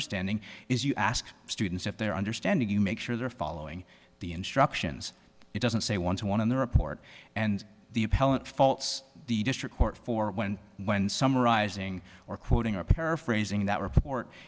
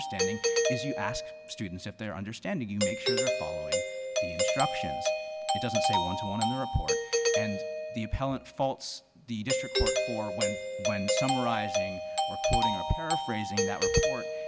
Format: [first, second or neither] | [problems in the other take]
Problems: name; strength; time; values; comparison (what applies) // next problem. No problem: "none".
first | background sound (Doorbell); 4 dB above the speech